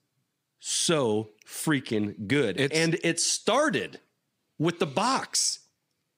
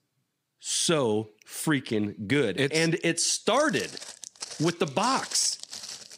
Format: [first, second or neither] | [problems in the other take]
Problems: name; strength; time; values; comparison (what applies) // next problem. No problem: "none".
first | footsteps; faint; from 3.5 s on; peak 10 dB below the speech